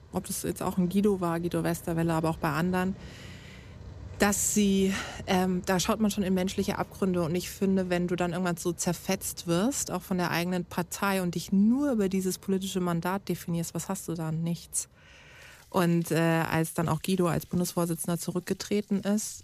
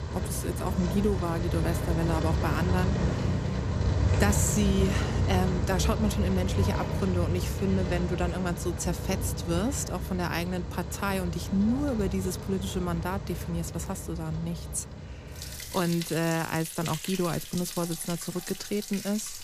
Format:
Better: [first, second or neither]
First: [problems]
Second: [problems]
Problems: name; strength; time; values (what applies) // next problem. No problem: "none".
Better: first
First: rain or running water; faint; throughout; 20 dB below the speech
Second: rain or running water; loud; throughout; 1 dB below the speech